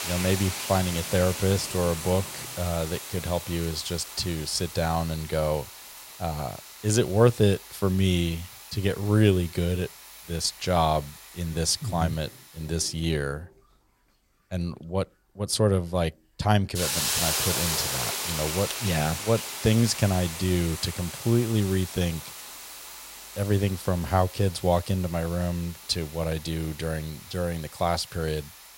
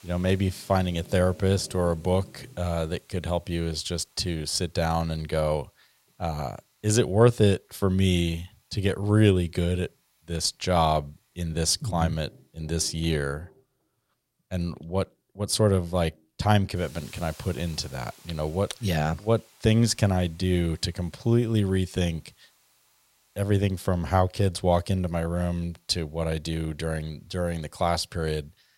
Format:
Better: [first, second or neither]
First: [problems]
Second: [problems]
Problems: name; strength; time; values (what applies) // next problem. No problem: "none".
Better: second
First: hiss; loud; throughout; 7 dB below the speech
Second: hiss; faint; throughout; 30 dB below the speech